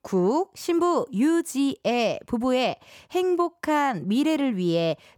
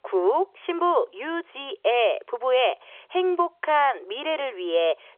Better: first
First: none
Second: phone-call audio; nothing above 3.5 kHz

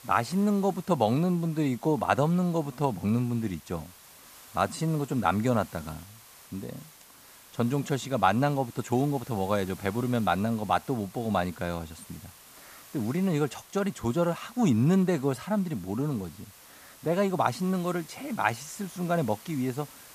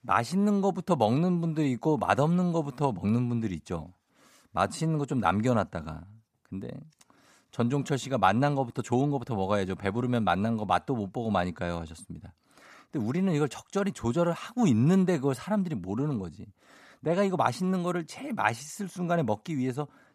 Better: second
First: hiss; faint; throughout; 20 dB below the speech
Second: none

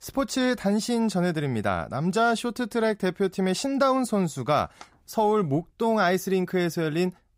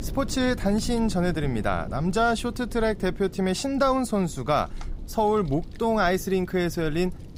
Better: first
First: none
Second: wind noise on the microphone; occasional gusts; 20 dB below the speech

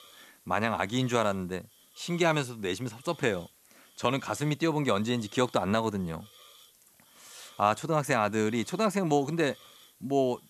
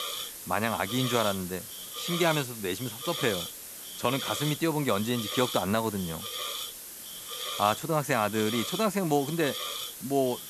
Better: first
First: hiss; faint; throughout; 25 dB below the speech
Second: hiss; loud; throughout; 6 dB below the speech

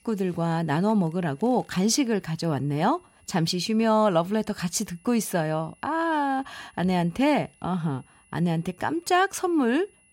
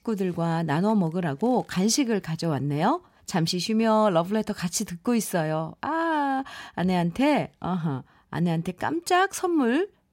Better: second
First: high-pitched whine; faint; throughout; 2.5 kHz, 35 dB below the speech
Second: none

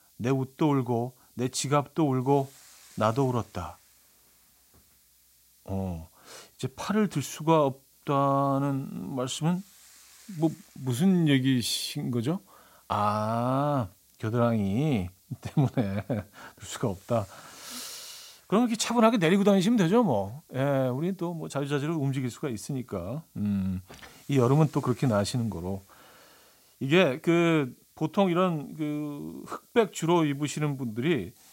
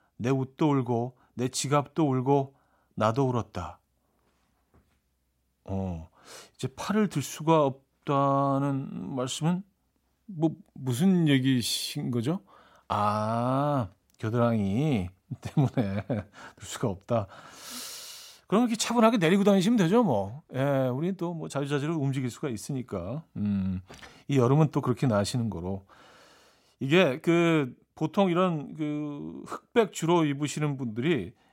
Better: second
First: hiss; faint; throughout; 30 dB below the speech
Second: none

